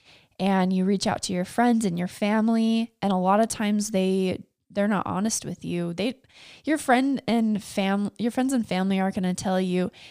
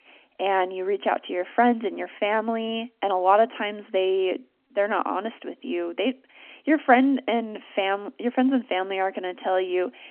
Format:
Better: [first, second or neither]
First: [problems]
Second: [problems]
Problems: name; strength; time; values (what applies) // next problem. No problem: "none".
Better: first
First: none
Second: phone-call audio; nothing above 3 kHz